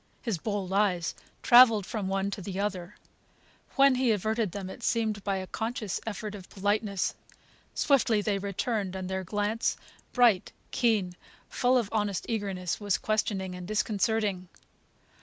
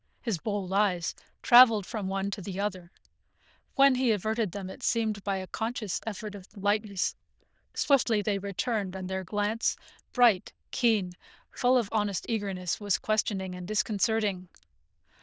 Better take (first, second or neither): first